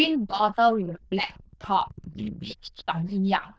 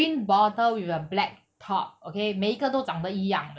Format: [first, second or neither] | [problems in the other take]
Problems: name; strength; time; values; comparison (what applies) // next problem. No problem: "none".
second | noise reduction (neural diffusion model UNIVERSE++)